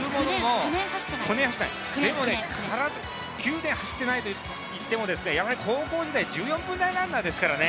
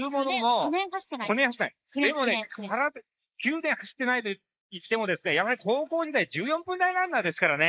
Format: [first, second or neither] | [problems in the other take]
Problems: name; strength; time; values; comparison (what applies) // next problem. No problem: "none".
first | noise reduction (neural mask model Resemble Enhance denoiser)